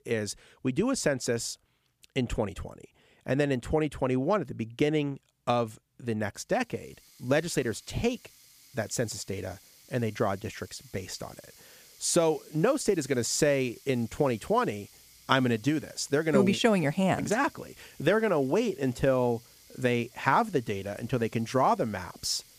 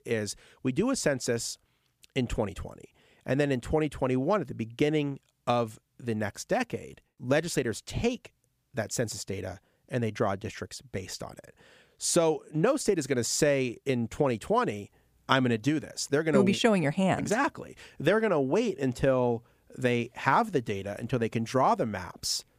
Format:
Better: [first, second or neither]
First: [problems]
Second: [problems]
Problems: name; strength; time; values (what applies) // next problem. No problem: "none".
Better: second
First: household noises; faint; from 7 s on; 25 dB below the speech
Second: none